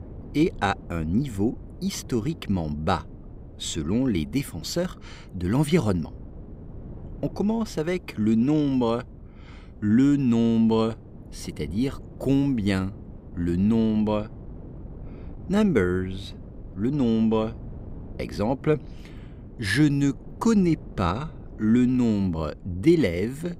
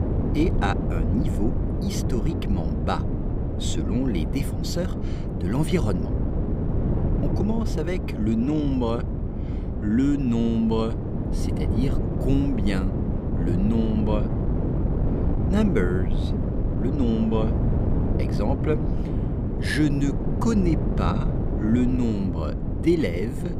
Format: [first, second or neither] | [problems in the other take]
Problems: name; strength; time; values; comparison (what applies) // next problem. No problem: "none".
first | wind noise on the microphone; heavy; 4 dB below the speech; occasional gusts in the first